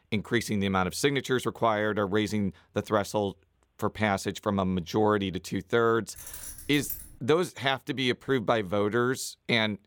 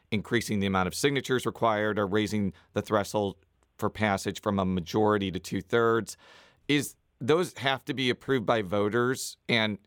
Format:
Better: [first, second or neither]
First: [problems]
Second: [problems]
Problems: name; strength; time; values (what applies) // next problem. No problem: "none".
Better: second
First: jangling keys; noticeable; from 6 to 7 s; peak 9 dB below the speech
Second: none